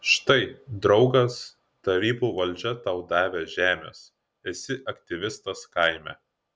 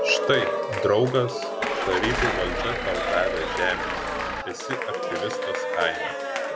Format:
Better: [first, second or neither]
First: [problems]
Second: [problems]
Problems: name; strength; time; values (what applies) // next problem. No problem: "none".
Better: first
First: none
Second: background sound (Engine starting / Car + Cheering); 1 dB above the speech